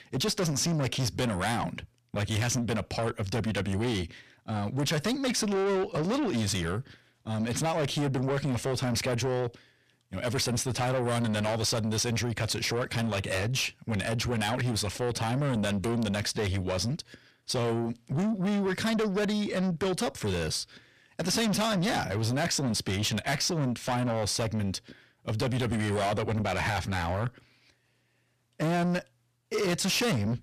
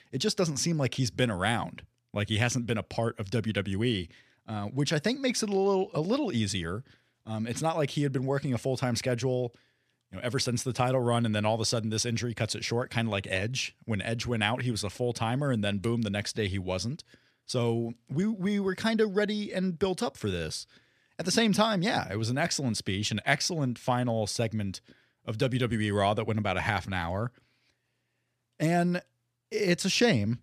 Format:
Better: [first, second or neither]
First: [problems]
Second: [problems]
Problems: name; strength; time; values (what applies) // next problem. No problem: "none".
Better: second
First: distortion; heavy; 6 dB below the speech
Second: none